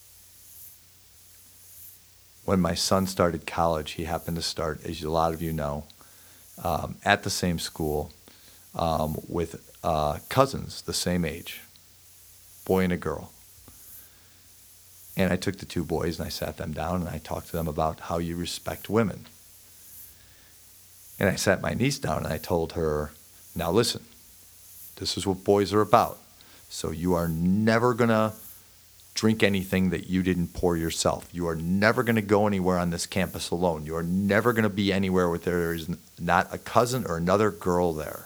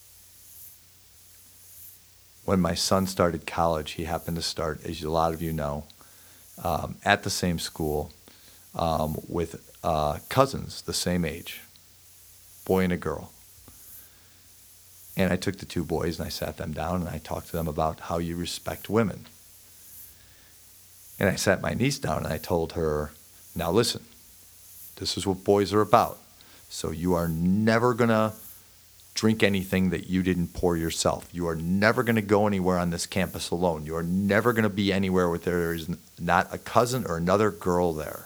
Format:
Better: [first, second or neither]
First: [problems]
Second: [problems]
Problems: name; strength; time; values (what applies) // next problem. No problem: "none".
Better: neither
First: hiss; faint; throughout; 20 dB below the speech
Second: hiss; faint; throughout; 20 dB below the speech